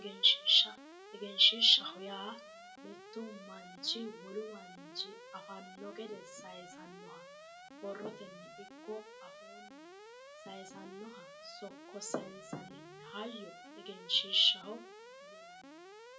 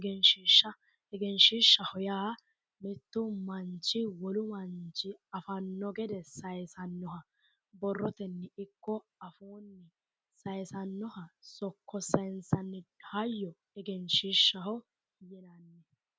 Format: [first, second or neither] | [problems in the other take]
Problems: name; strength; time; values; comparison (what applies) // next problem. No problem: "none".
second | background sound (Alarm); 16 dB below the speech // room echo; dies away in 0.2 s